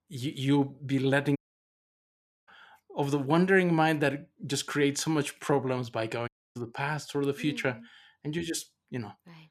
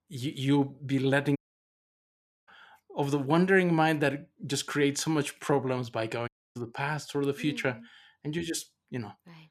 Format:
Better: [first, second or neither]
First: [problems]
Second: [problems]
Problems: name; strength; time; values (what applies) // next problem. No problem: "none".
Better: neither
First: audio cutting out; at 1.5 s for 1 s and at 6.5 s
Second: audio cutting out; at 1.5 s for 1 s and at 6.5 s